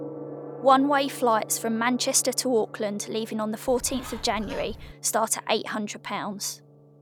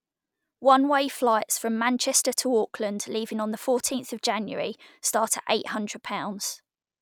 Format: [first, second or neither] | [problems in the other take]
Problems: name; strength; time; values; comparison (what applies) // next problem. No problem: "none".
second | background sound (Bird + Gong); 15 dB below the speech